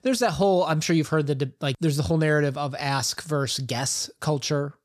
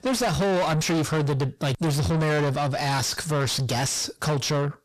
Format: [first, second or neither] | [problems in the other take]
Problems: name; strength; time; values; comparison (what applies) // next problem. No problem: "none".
first | distortion; heavy; 5 dB below the speech